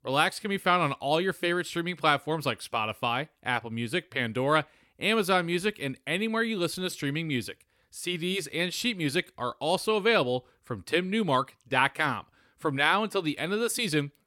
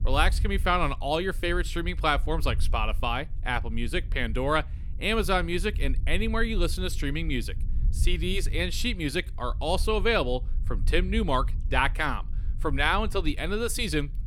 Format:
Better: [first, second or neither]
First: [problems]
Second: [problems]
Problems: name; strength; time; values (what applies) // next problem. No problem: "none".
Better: first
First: none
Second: low rumble; faint; throughout; 25 dB below the speech